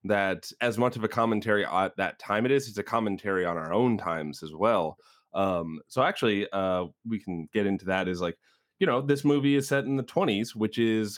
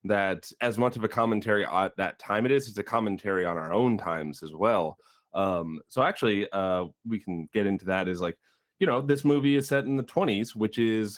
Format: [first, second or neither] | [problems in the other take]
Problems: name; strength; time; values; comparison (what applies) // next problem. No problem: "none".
first | garbled, watery; slightly; nothing above 17 kHz